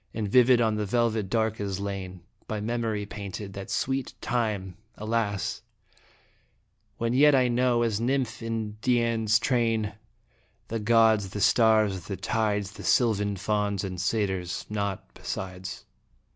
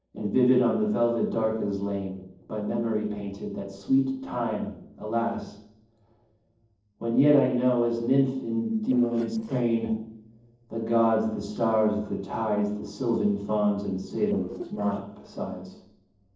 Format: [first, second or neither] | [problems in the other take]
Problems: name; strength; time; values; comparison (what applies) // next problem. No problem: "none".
first | noise reduction (neural separator model SepFormer DNS4)